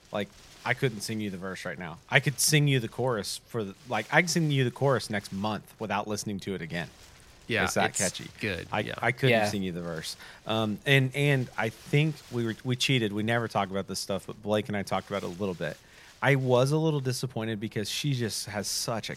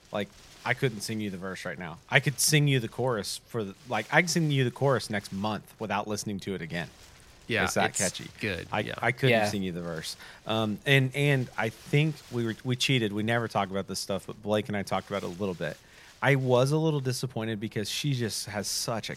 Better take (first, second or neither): neither